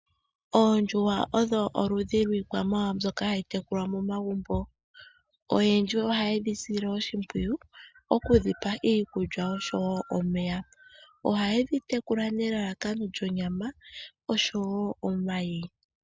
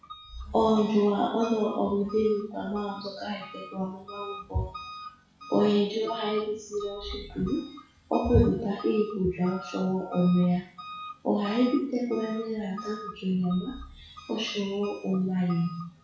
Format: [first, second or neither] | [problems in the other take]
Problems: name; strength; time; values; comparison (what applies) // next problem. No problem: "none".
first | noise reduction (classical method WPE with log-MMSE)